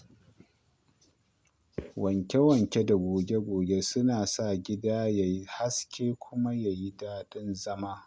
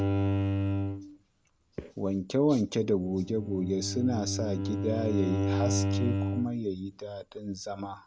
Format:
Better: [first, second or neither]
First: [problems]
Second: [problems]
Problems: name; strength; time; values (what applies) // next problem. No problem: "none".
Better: first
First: none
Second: background sound (Bowed string instrument); 1 dB below the speech